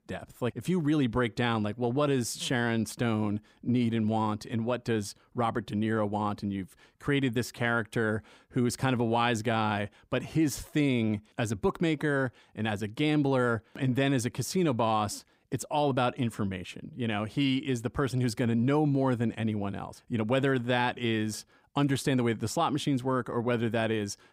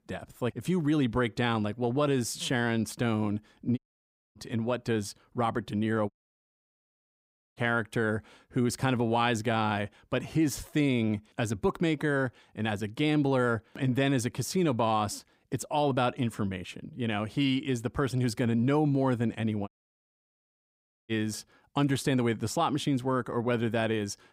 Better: first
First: none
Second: audio cutting out; at 4 s for 0.5 s, at 6 s for 1.5 s and at 20 s for 1.5 s

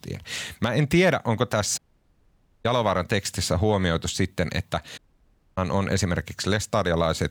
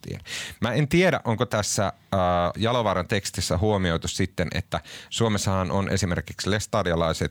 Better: second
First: audio cutting out; at 2 s for 1 s and at 5 s for 0.5 s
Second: none

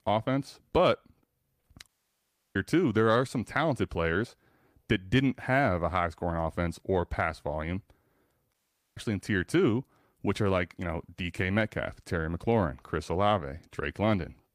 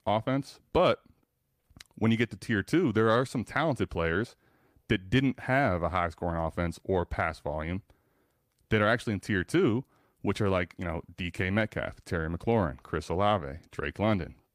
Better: second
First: audio cutting out; at 2 s for 0.5 s and at 8.5 s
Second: none

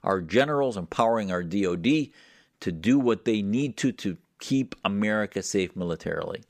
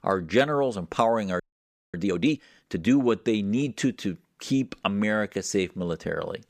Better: first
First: none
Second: audio freezing; at 1.5 s for 0.5 s

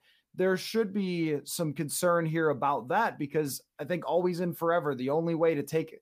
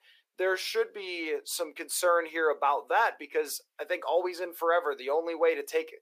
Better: first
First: none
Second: thin; very; fading below 400 Hz

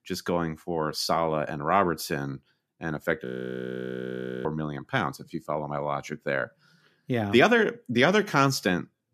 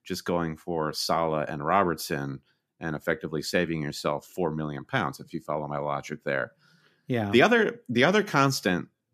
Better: second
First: audio freezing; at 3.5 s for 1 s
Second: none

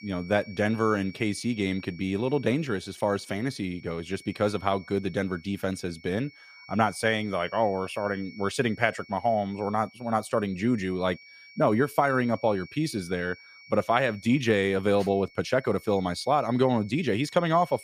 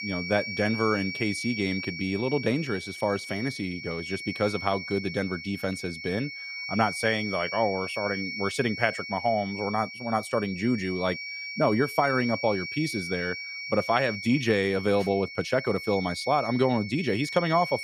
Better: first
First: high-pitched whine; faint; throughout; 2.5 kHz, 20 dB below the speech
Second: high-pitched whine; loud; throughout; 2.5 kHz, 7 dB below the speech

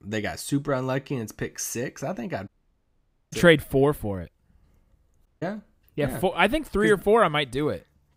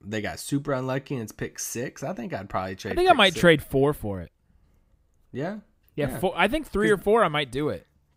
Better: second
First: audio cutting out; at 2.5 s for 1 s and at 5.5 s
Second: none

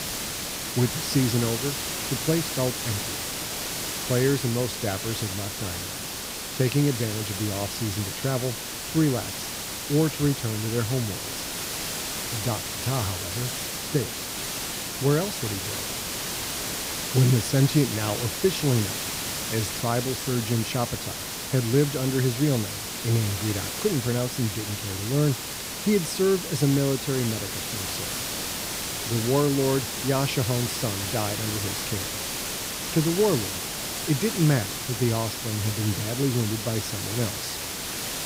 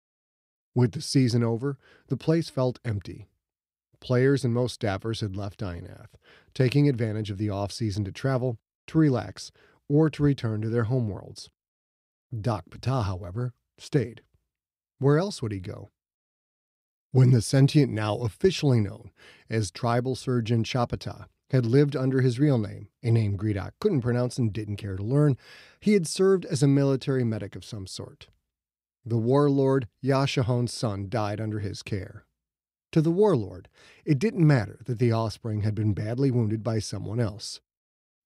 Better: second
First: hiss; loud; throughout; 3 dB below the speech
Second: none

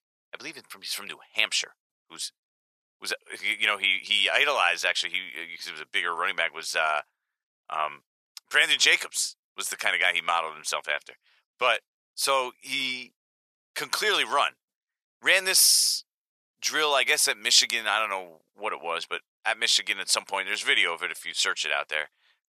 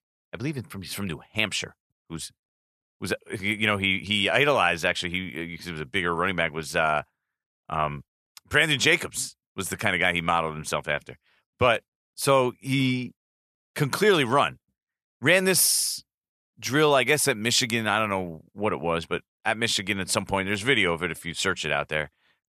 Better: second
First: thin; very; fading below 650 Hz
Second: none

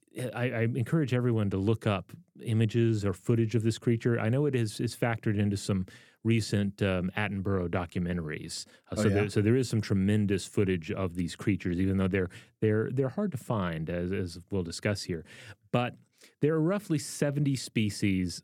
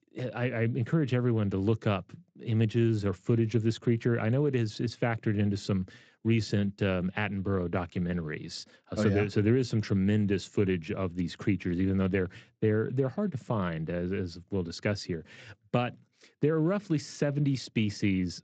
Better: first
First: none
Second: garbled, watery; slightly; nothing above 7.5 kHz

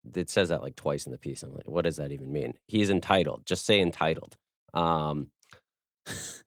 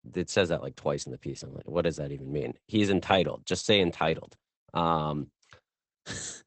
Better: first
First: garbled, watery; slightly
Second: garbled, watery; badly; nothing above 8 kHz

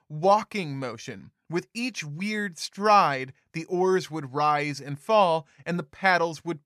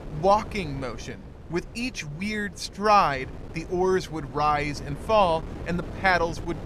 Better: first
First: none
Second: wind noise on the microphone; occasional gusts; 20 dB below the speech

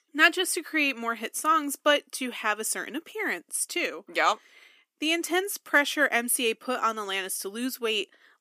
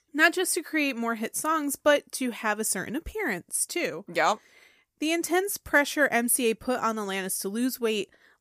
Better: second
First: thin; very slightly; fading below 250 Hz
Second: none

